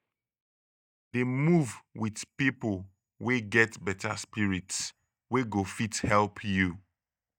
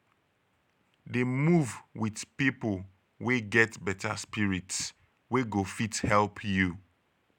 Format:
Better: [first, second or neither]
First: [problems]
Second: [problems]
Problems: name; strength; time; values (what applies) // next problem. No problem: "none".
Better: second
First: noise reduction (neural mask model DeepFilterNet 3)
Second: none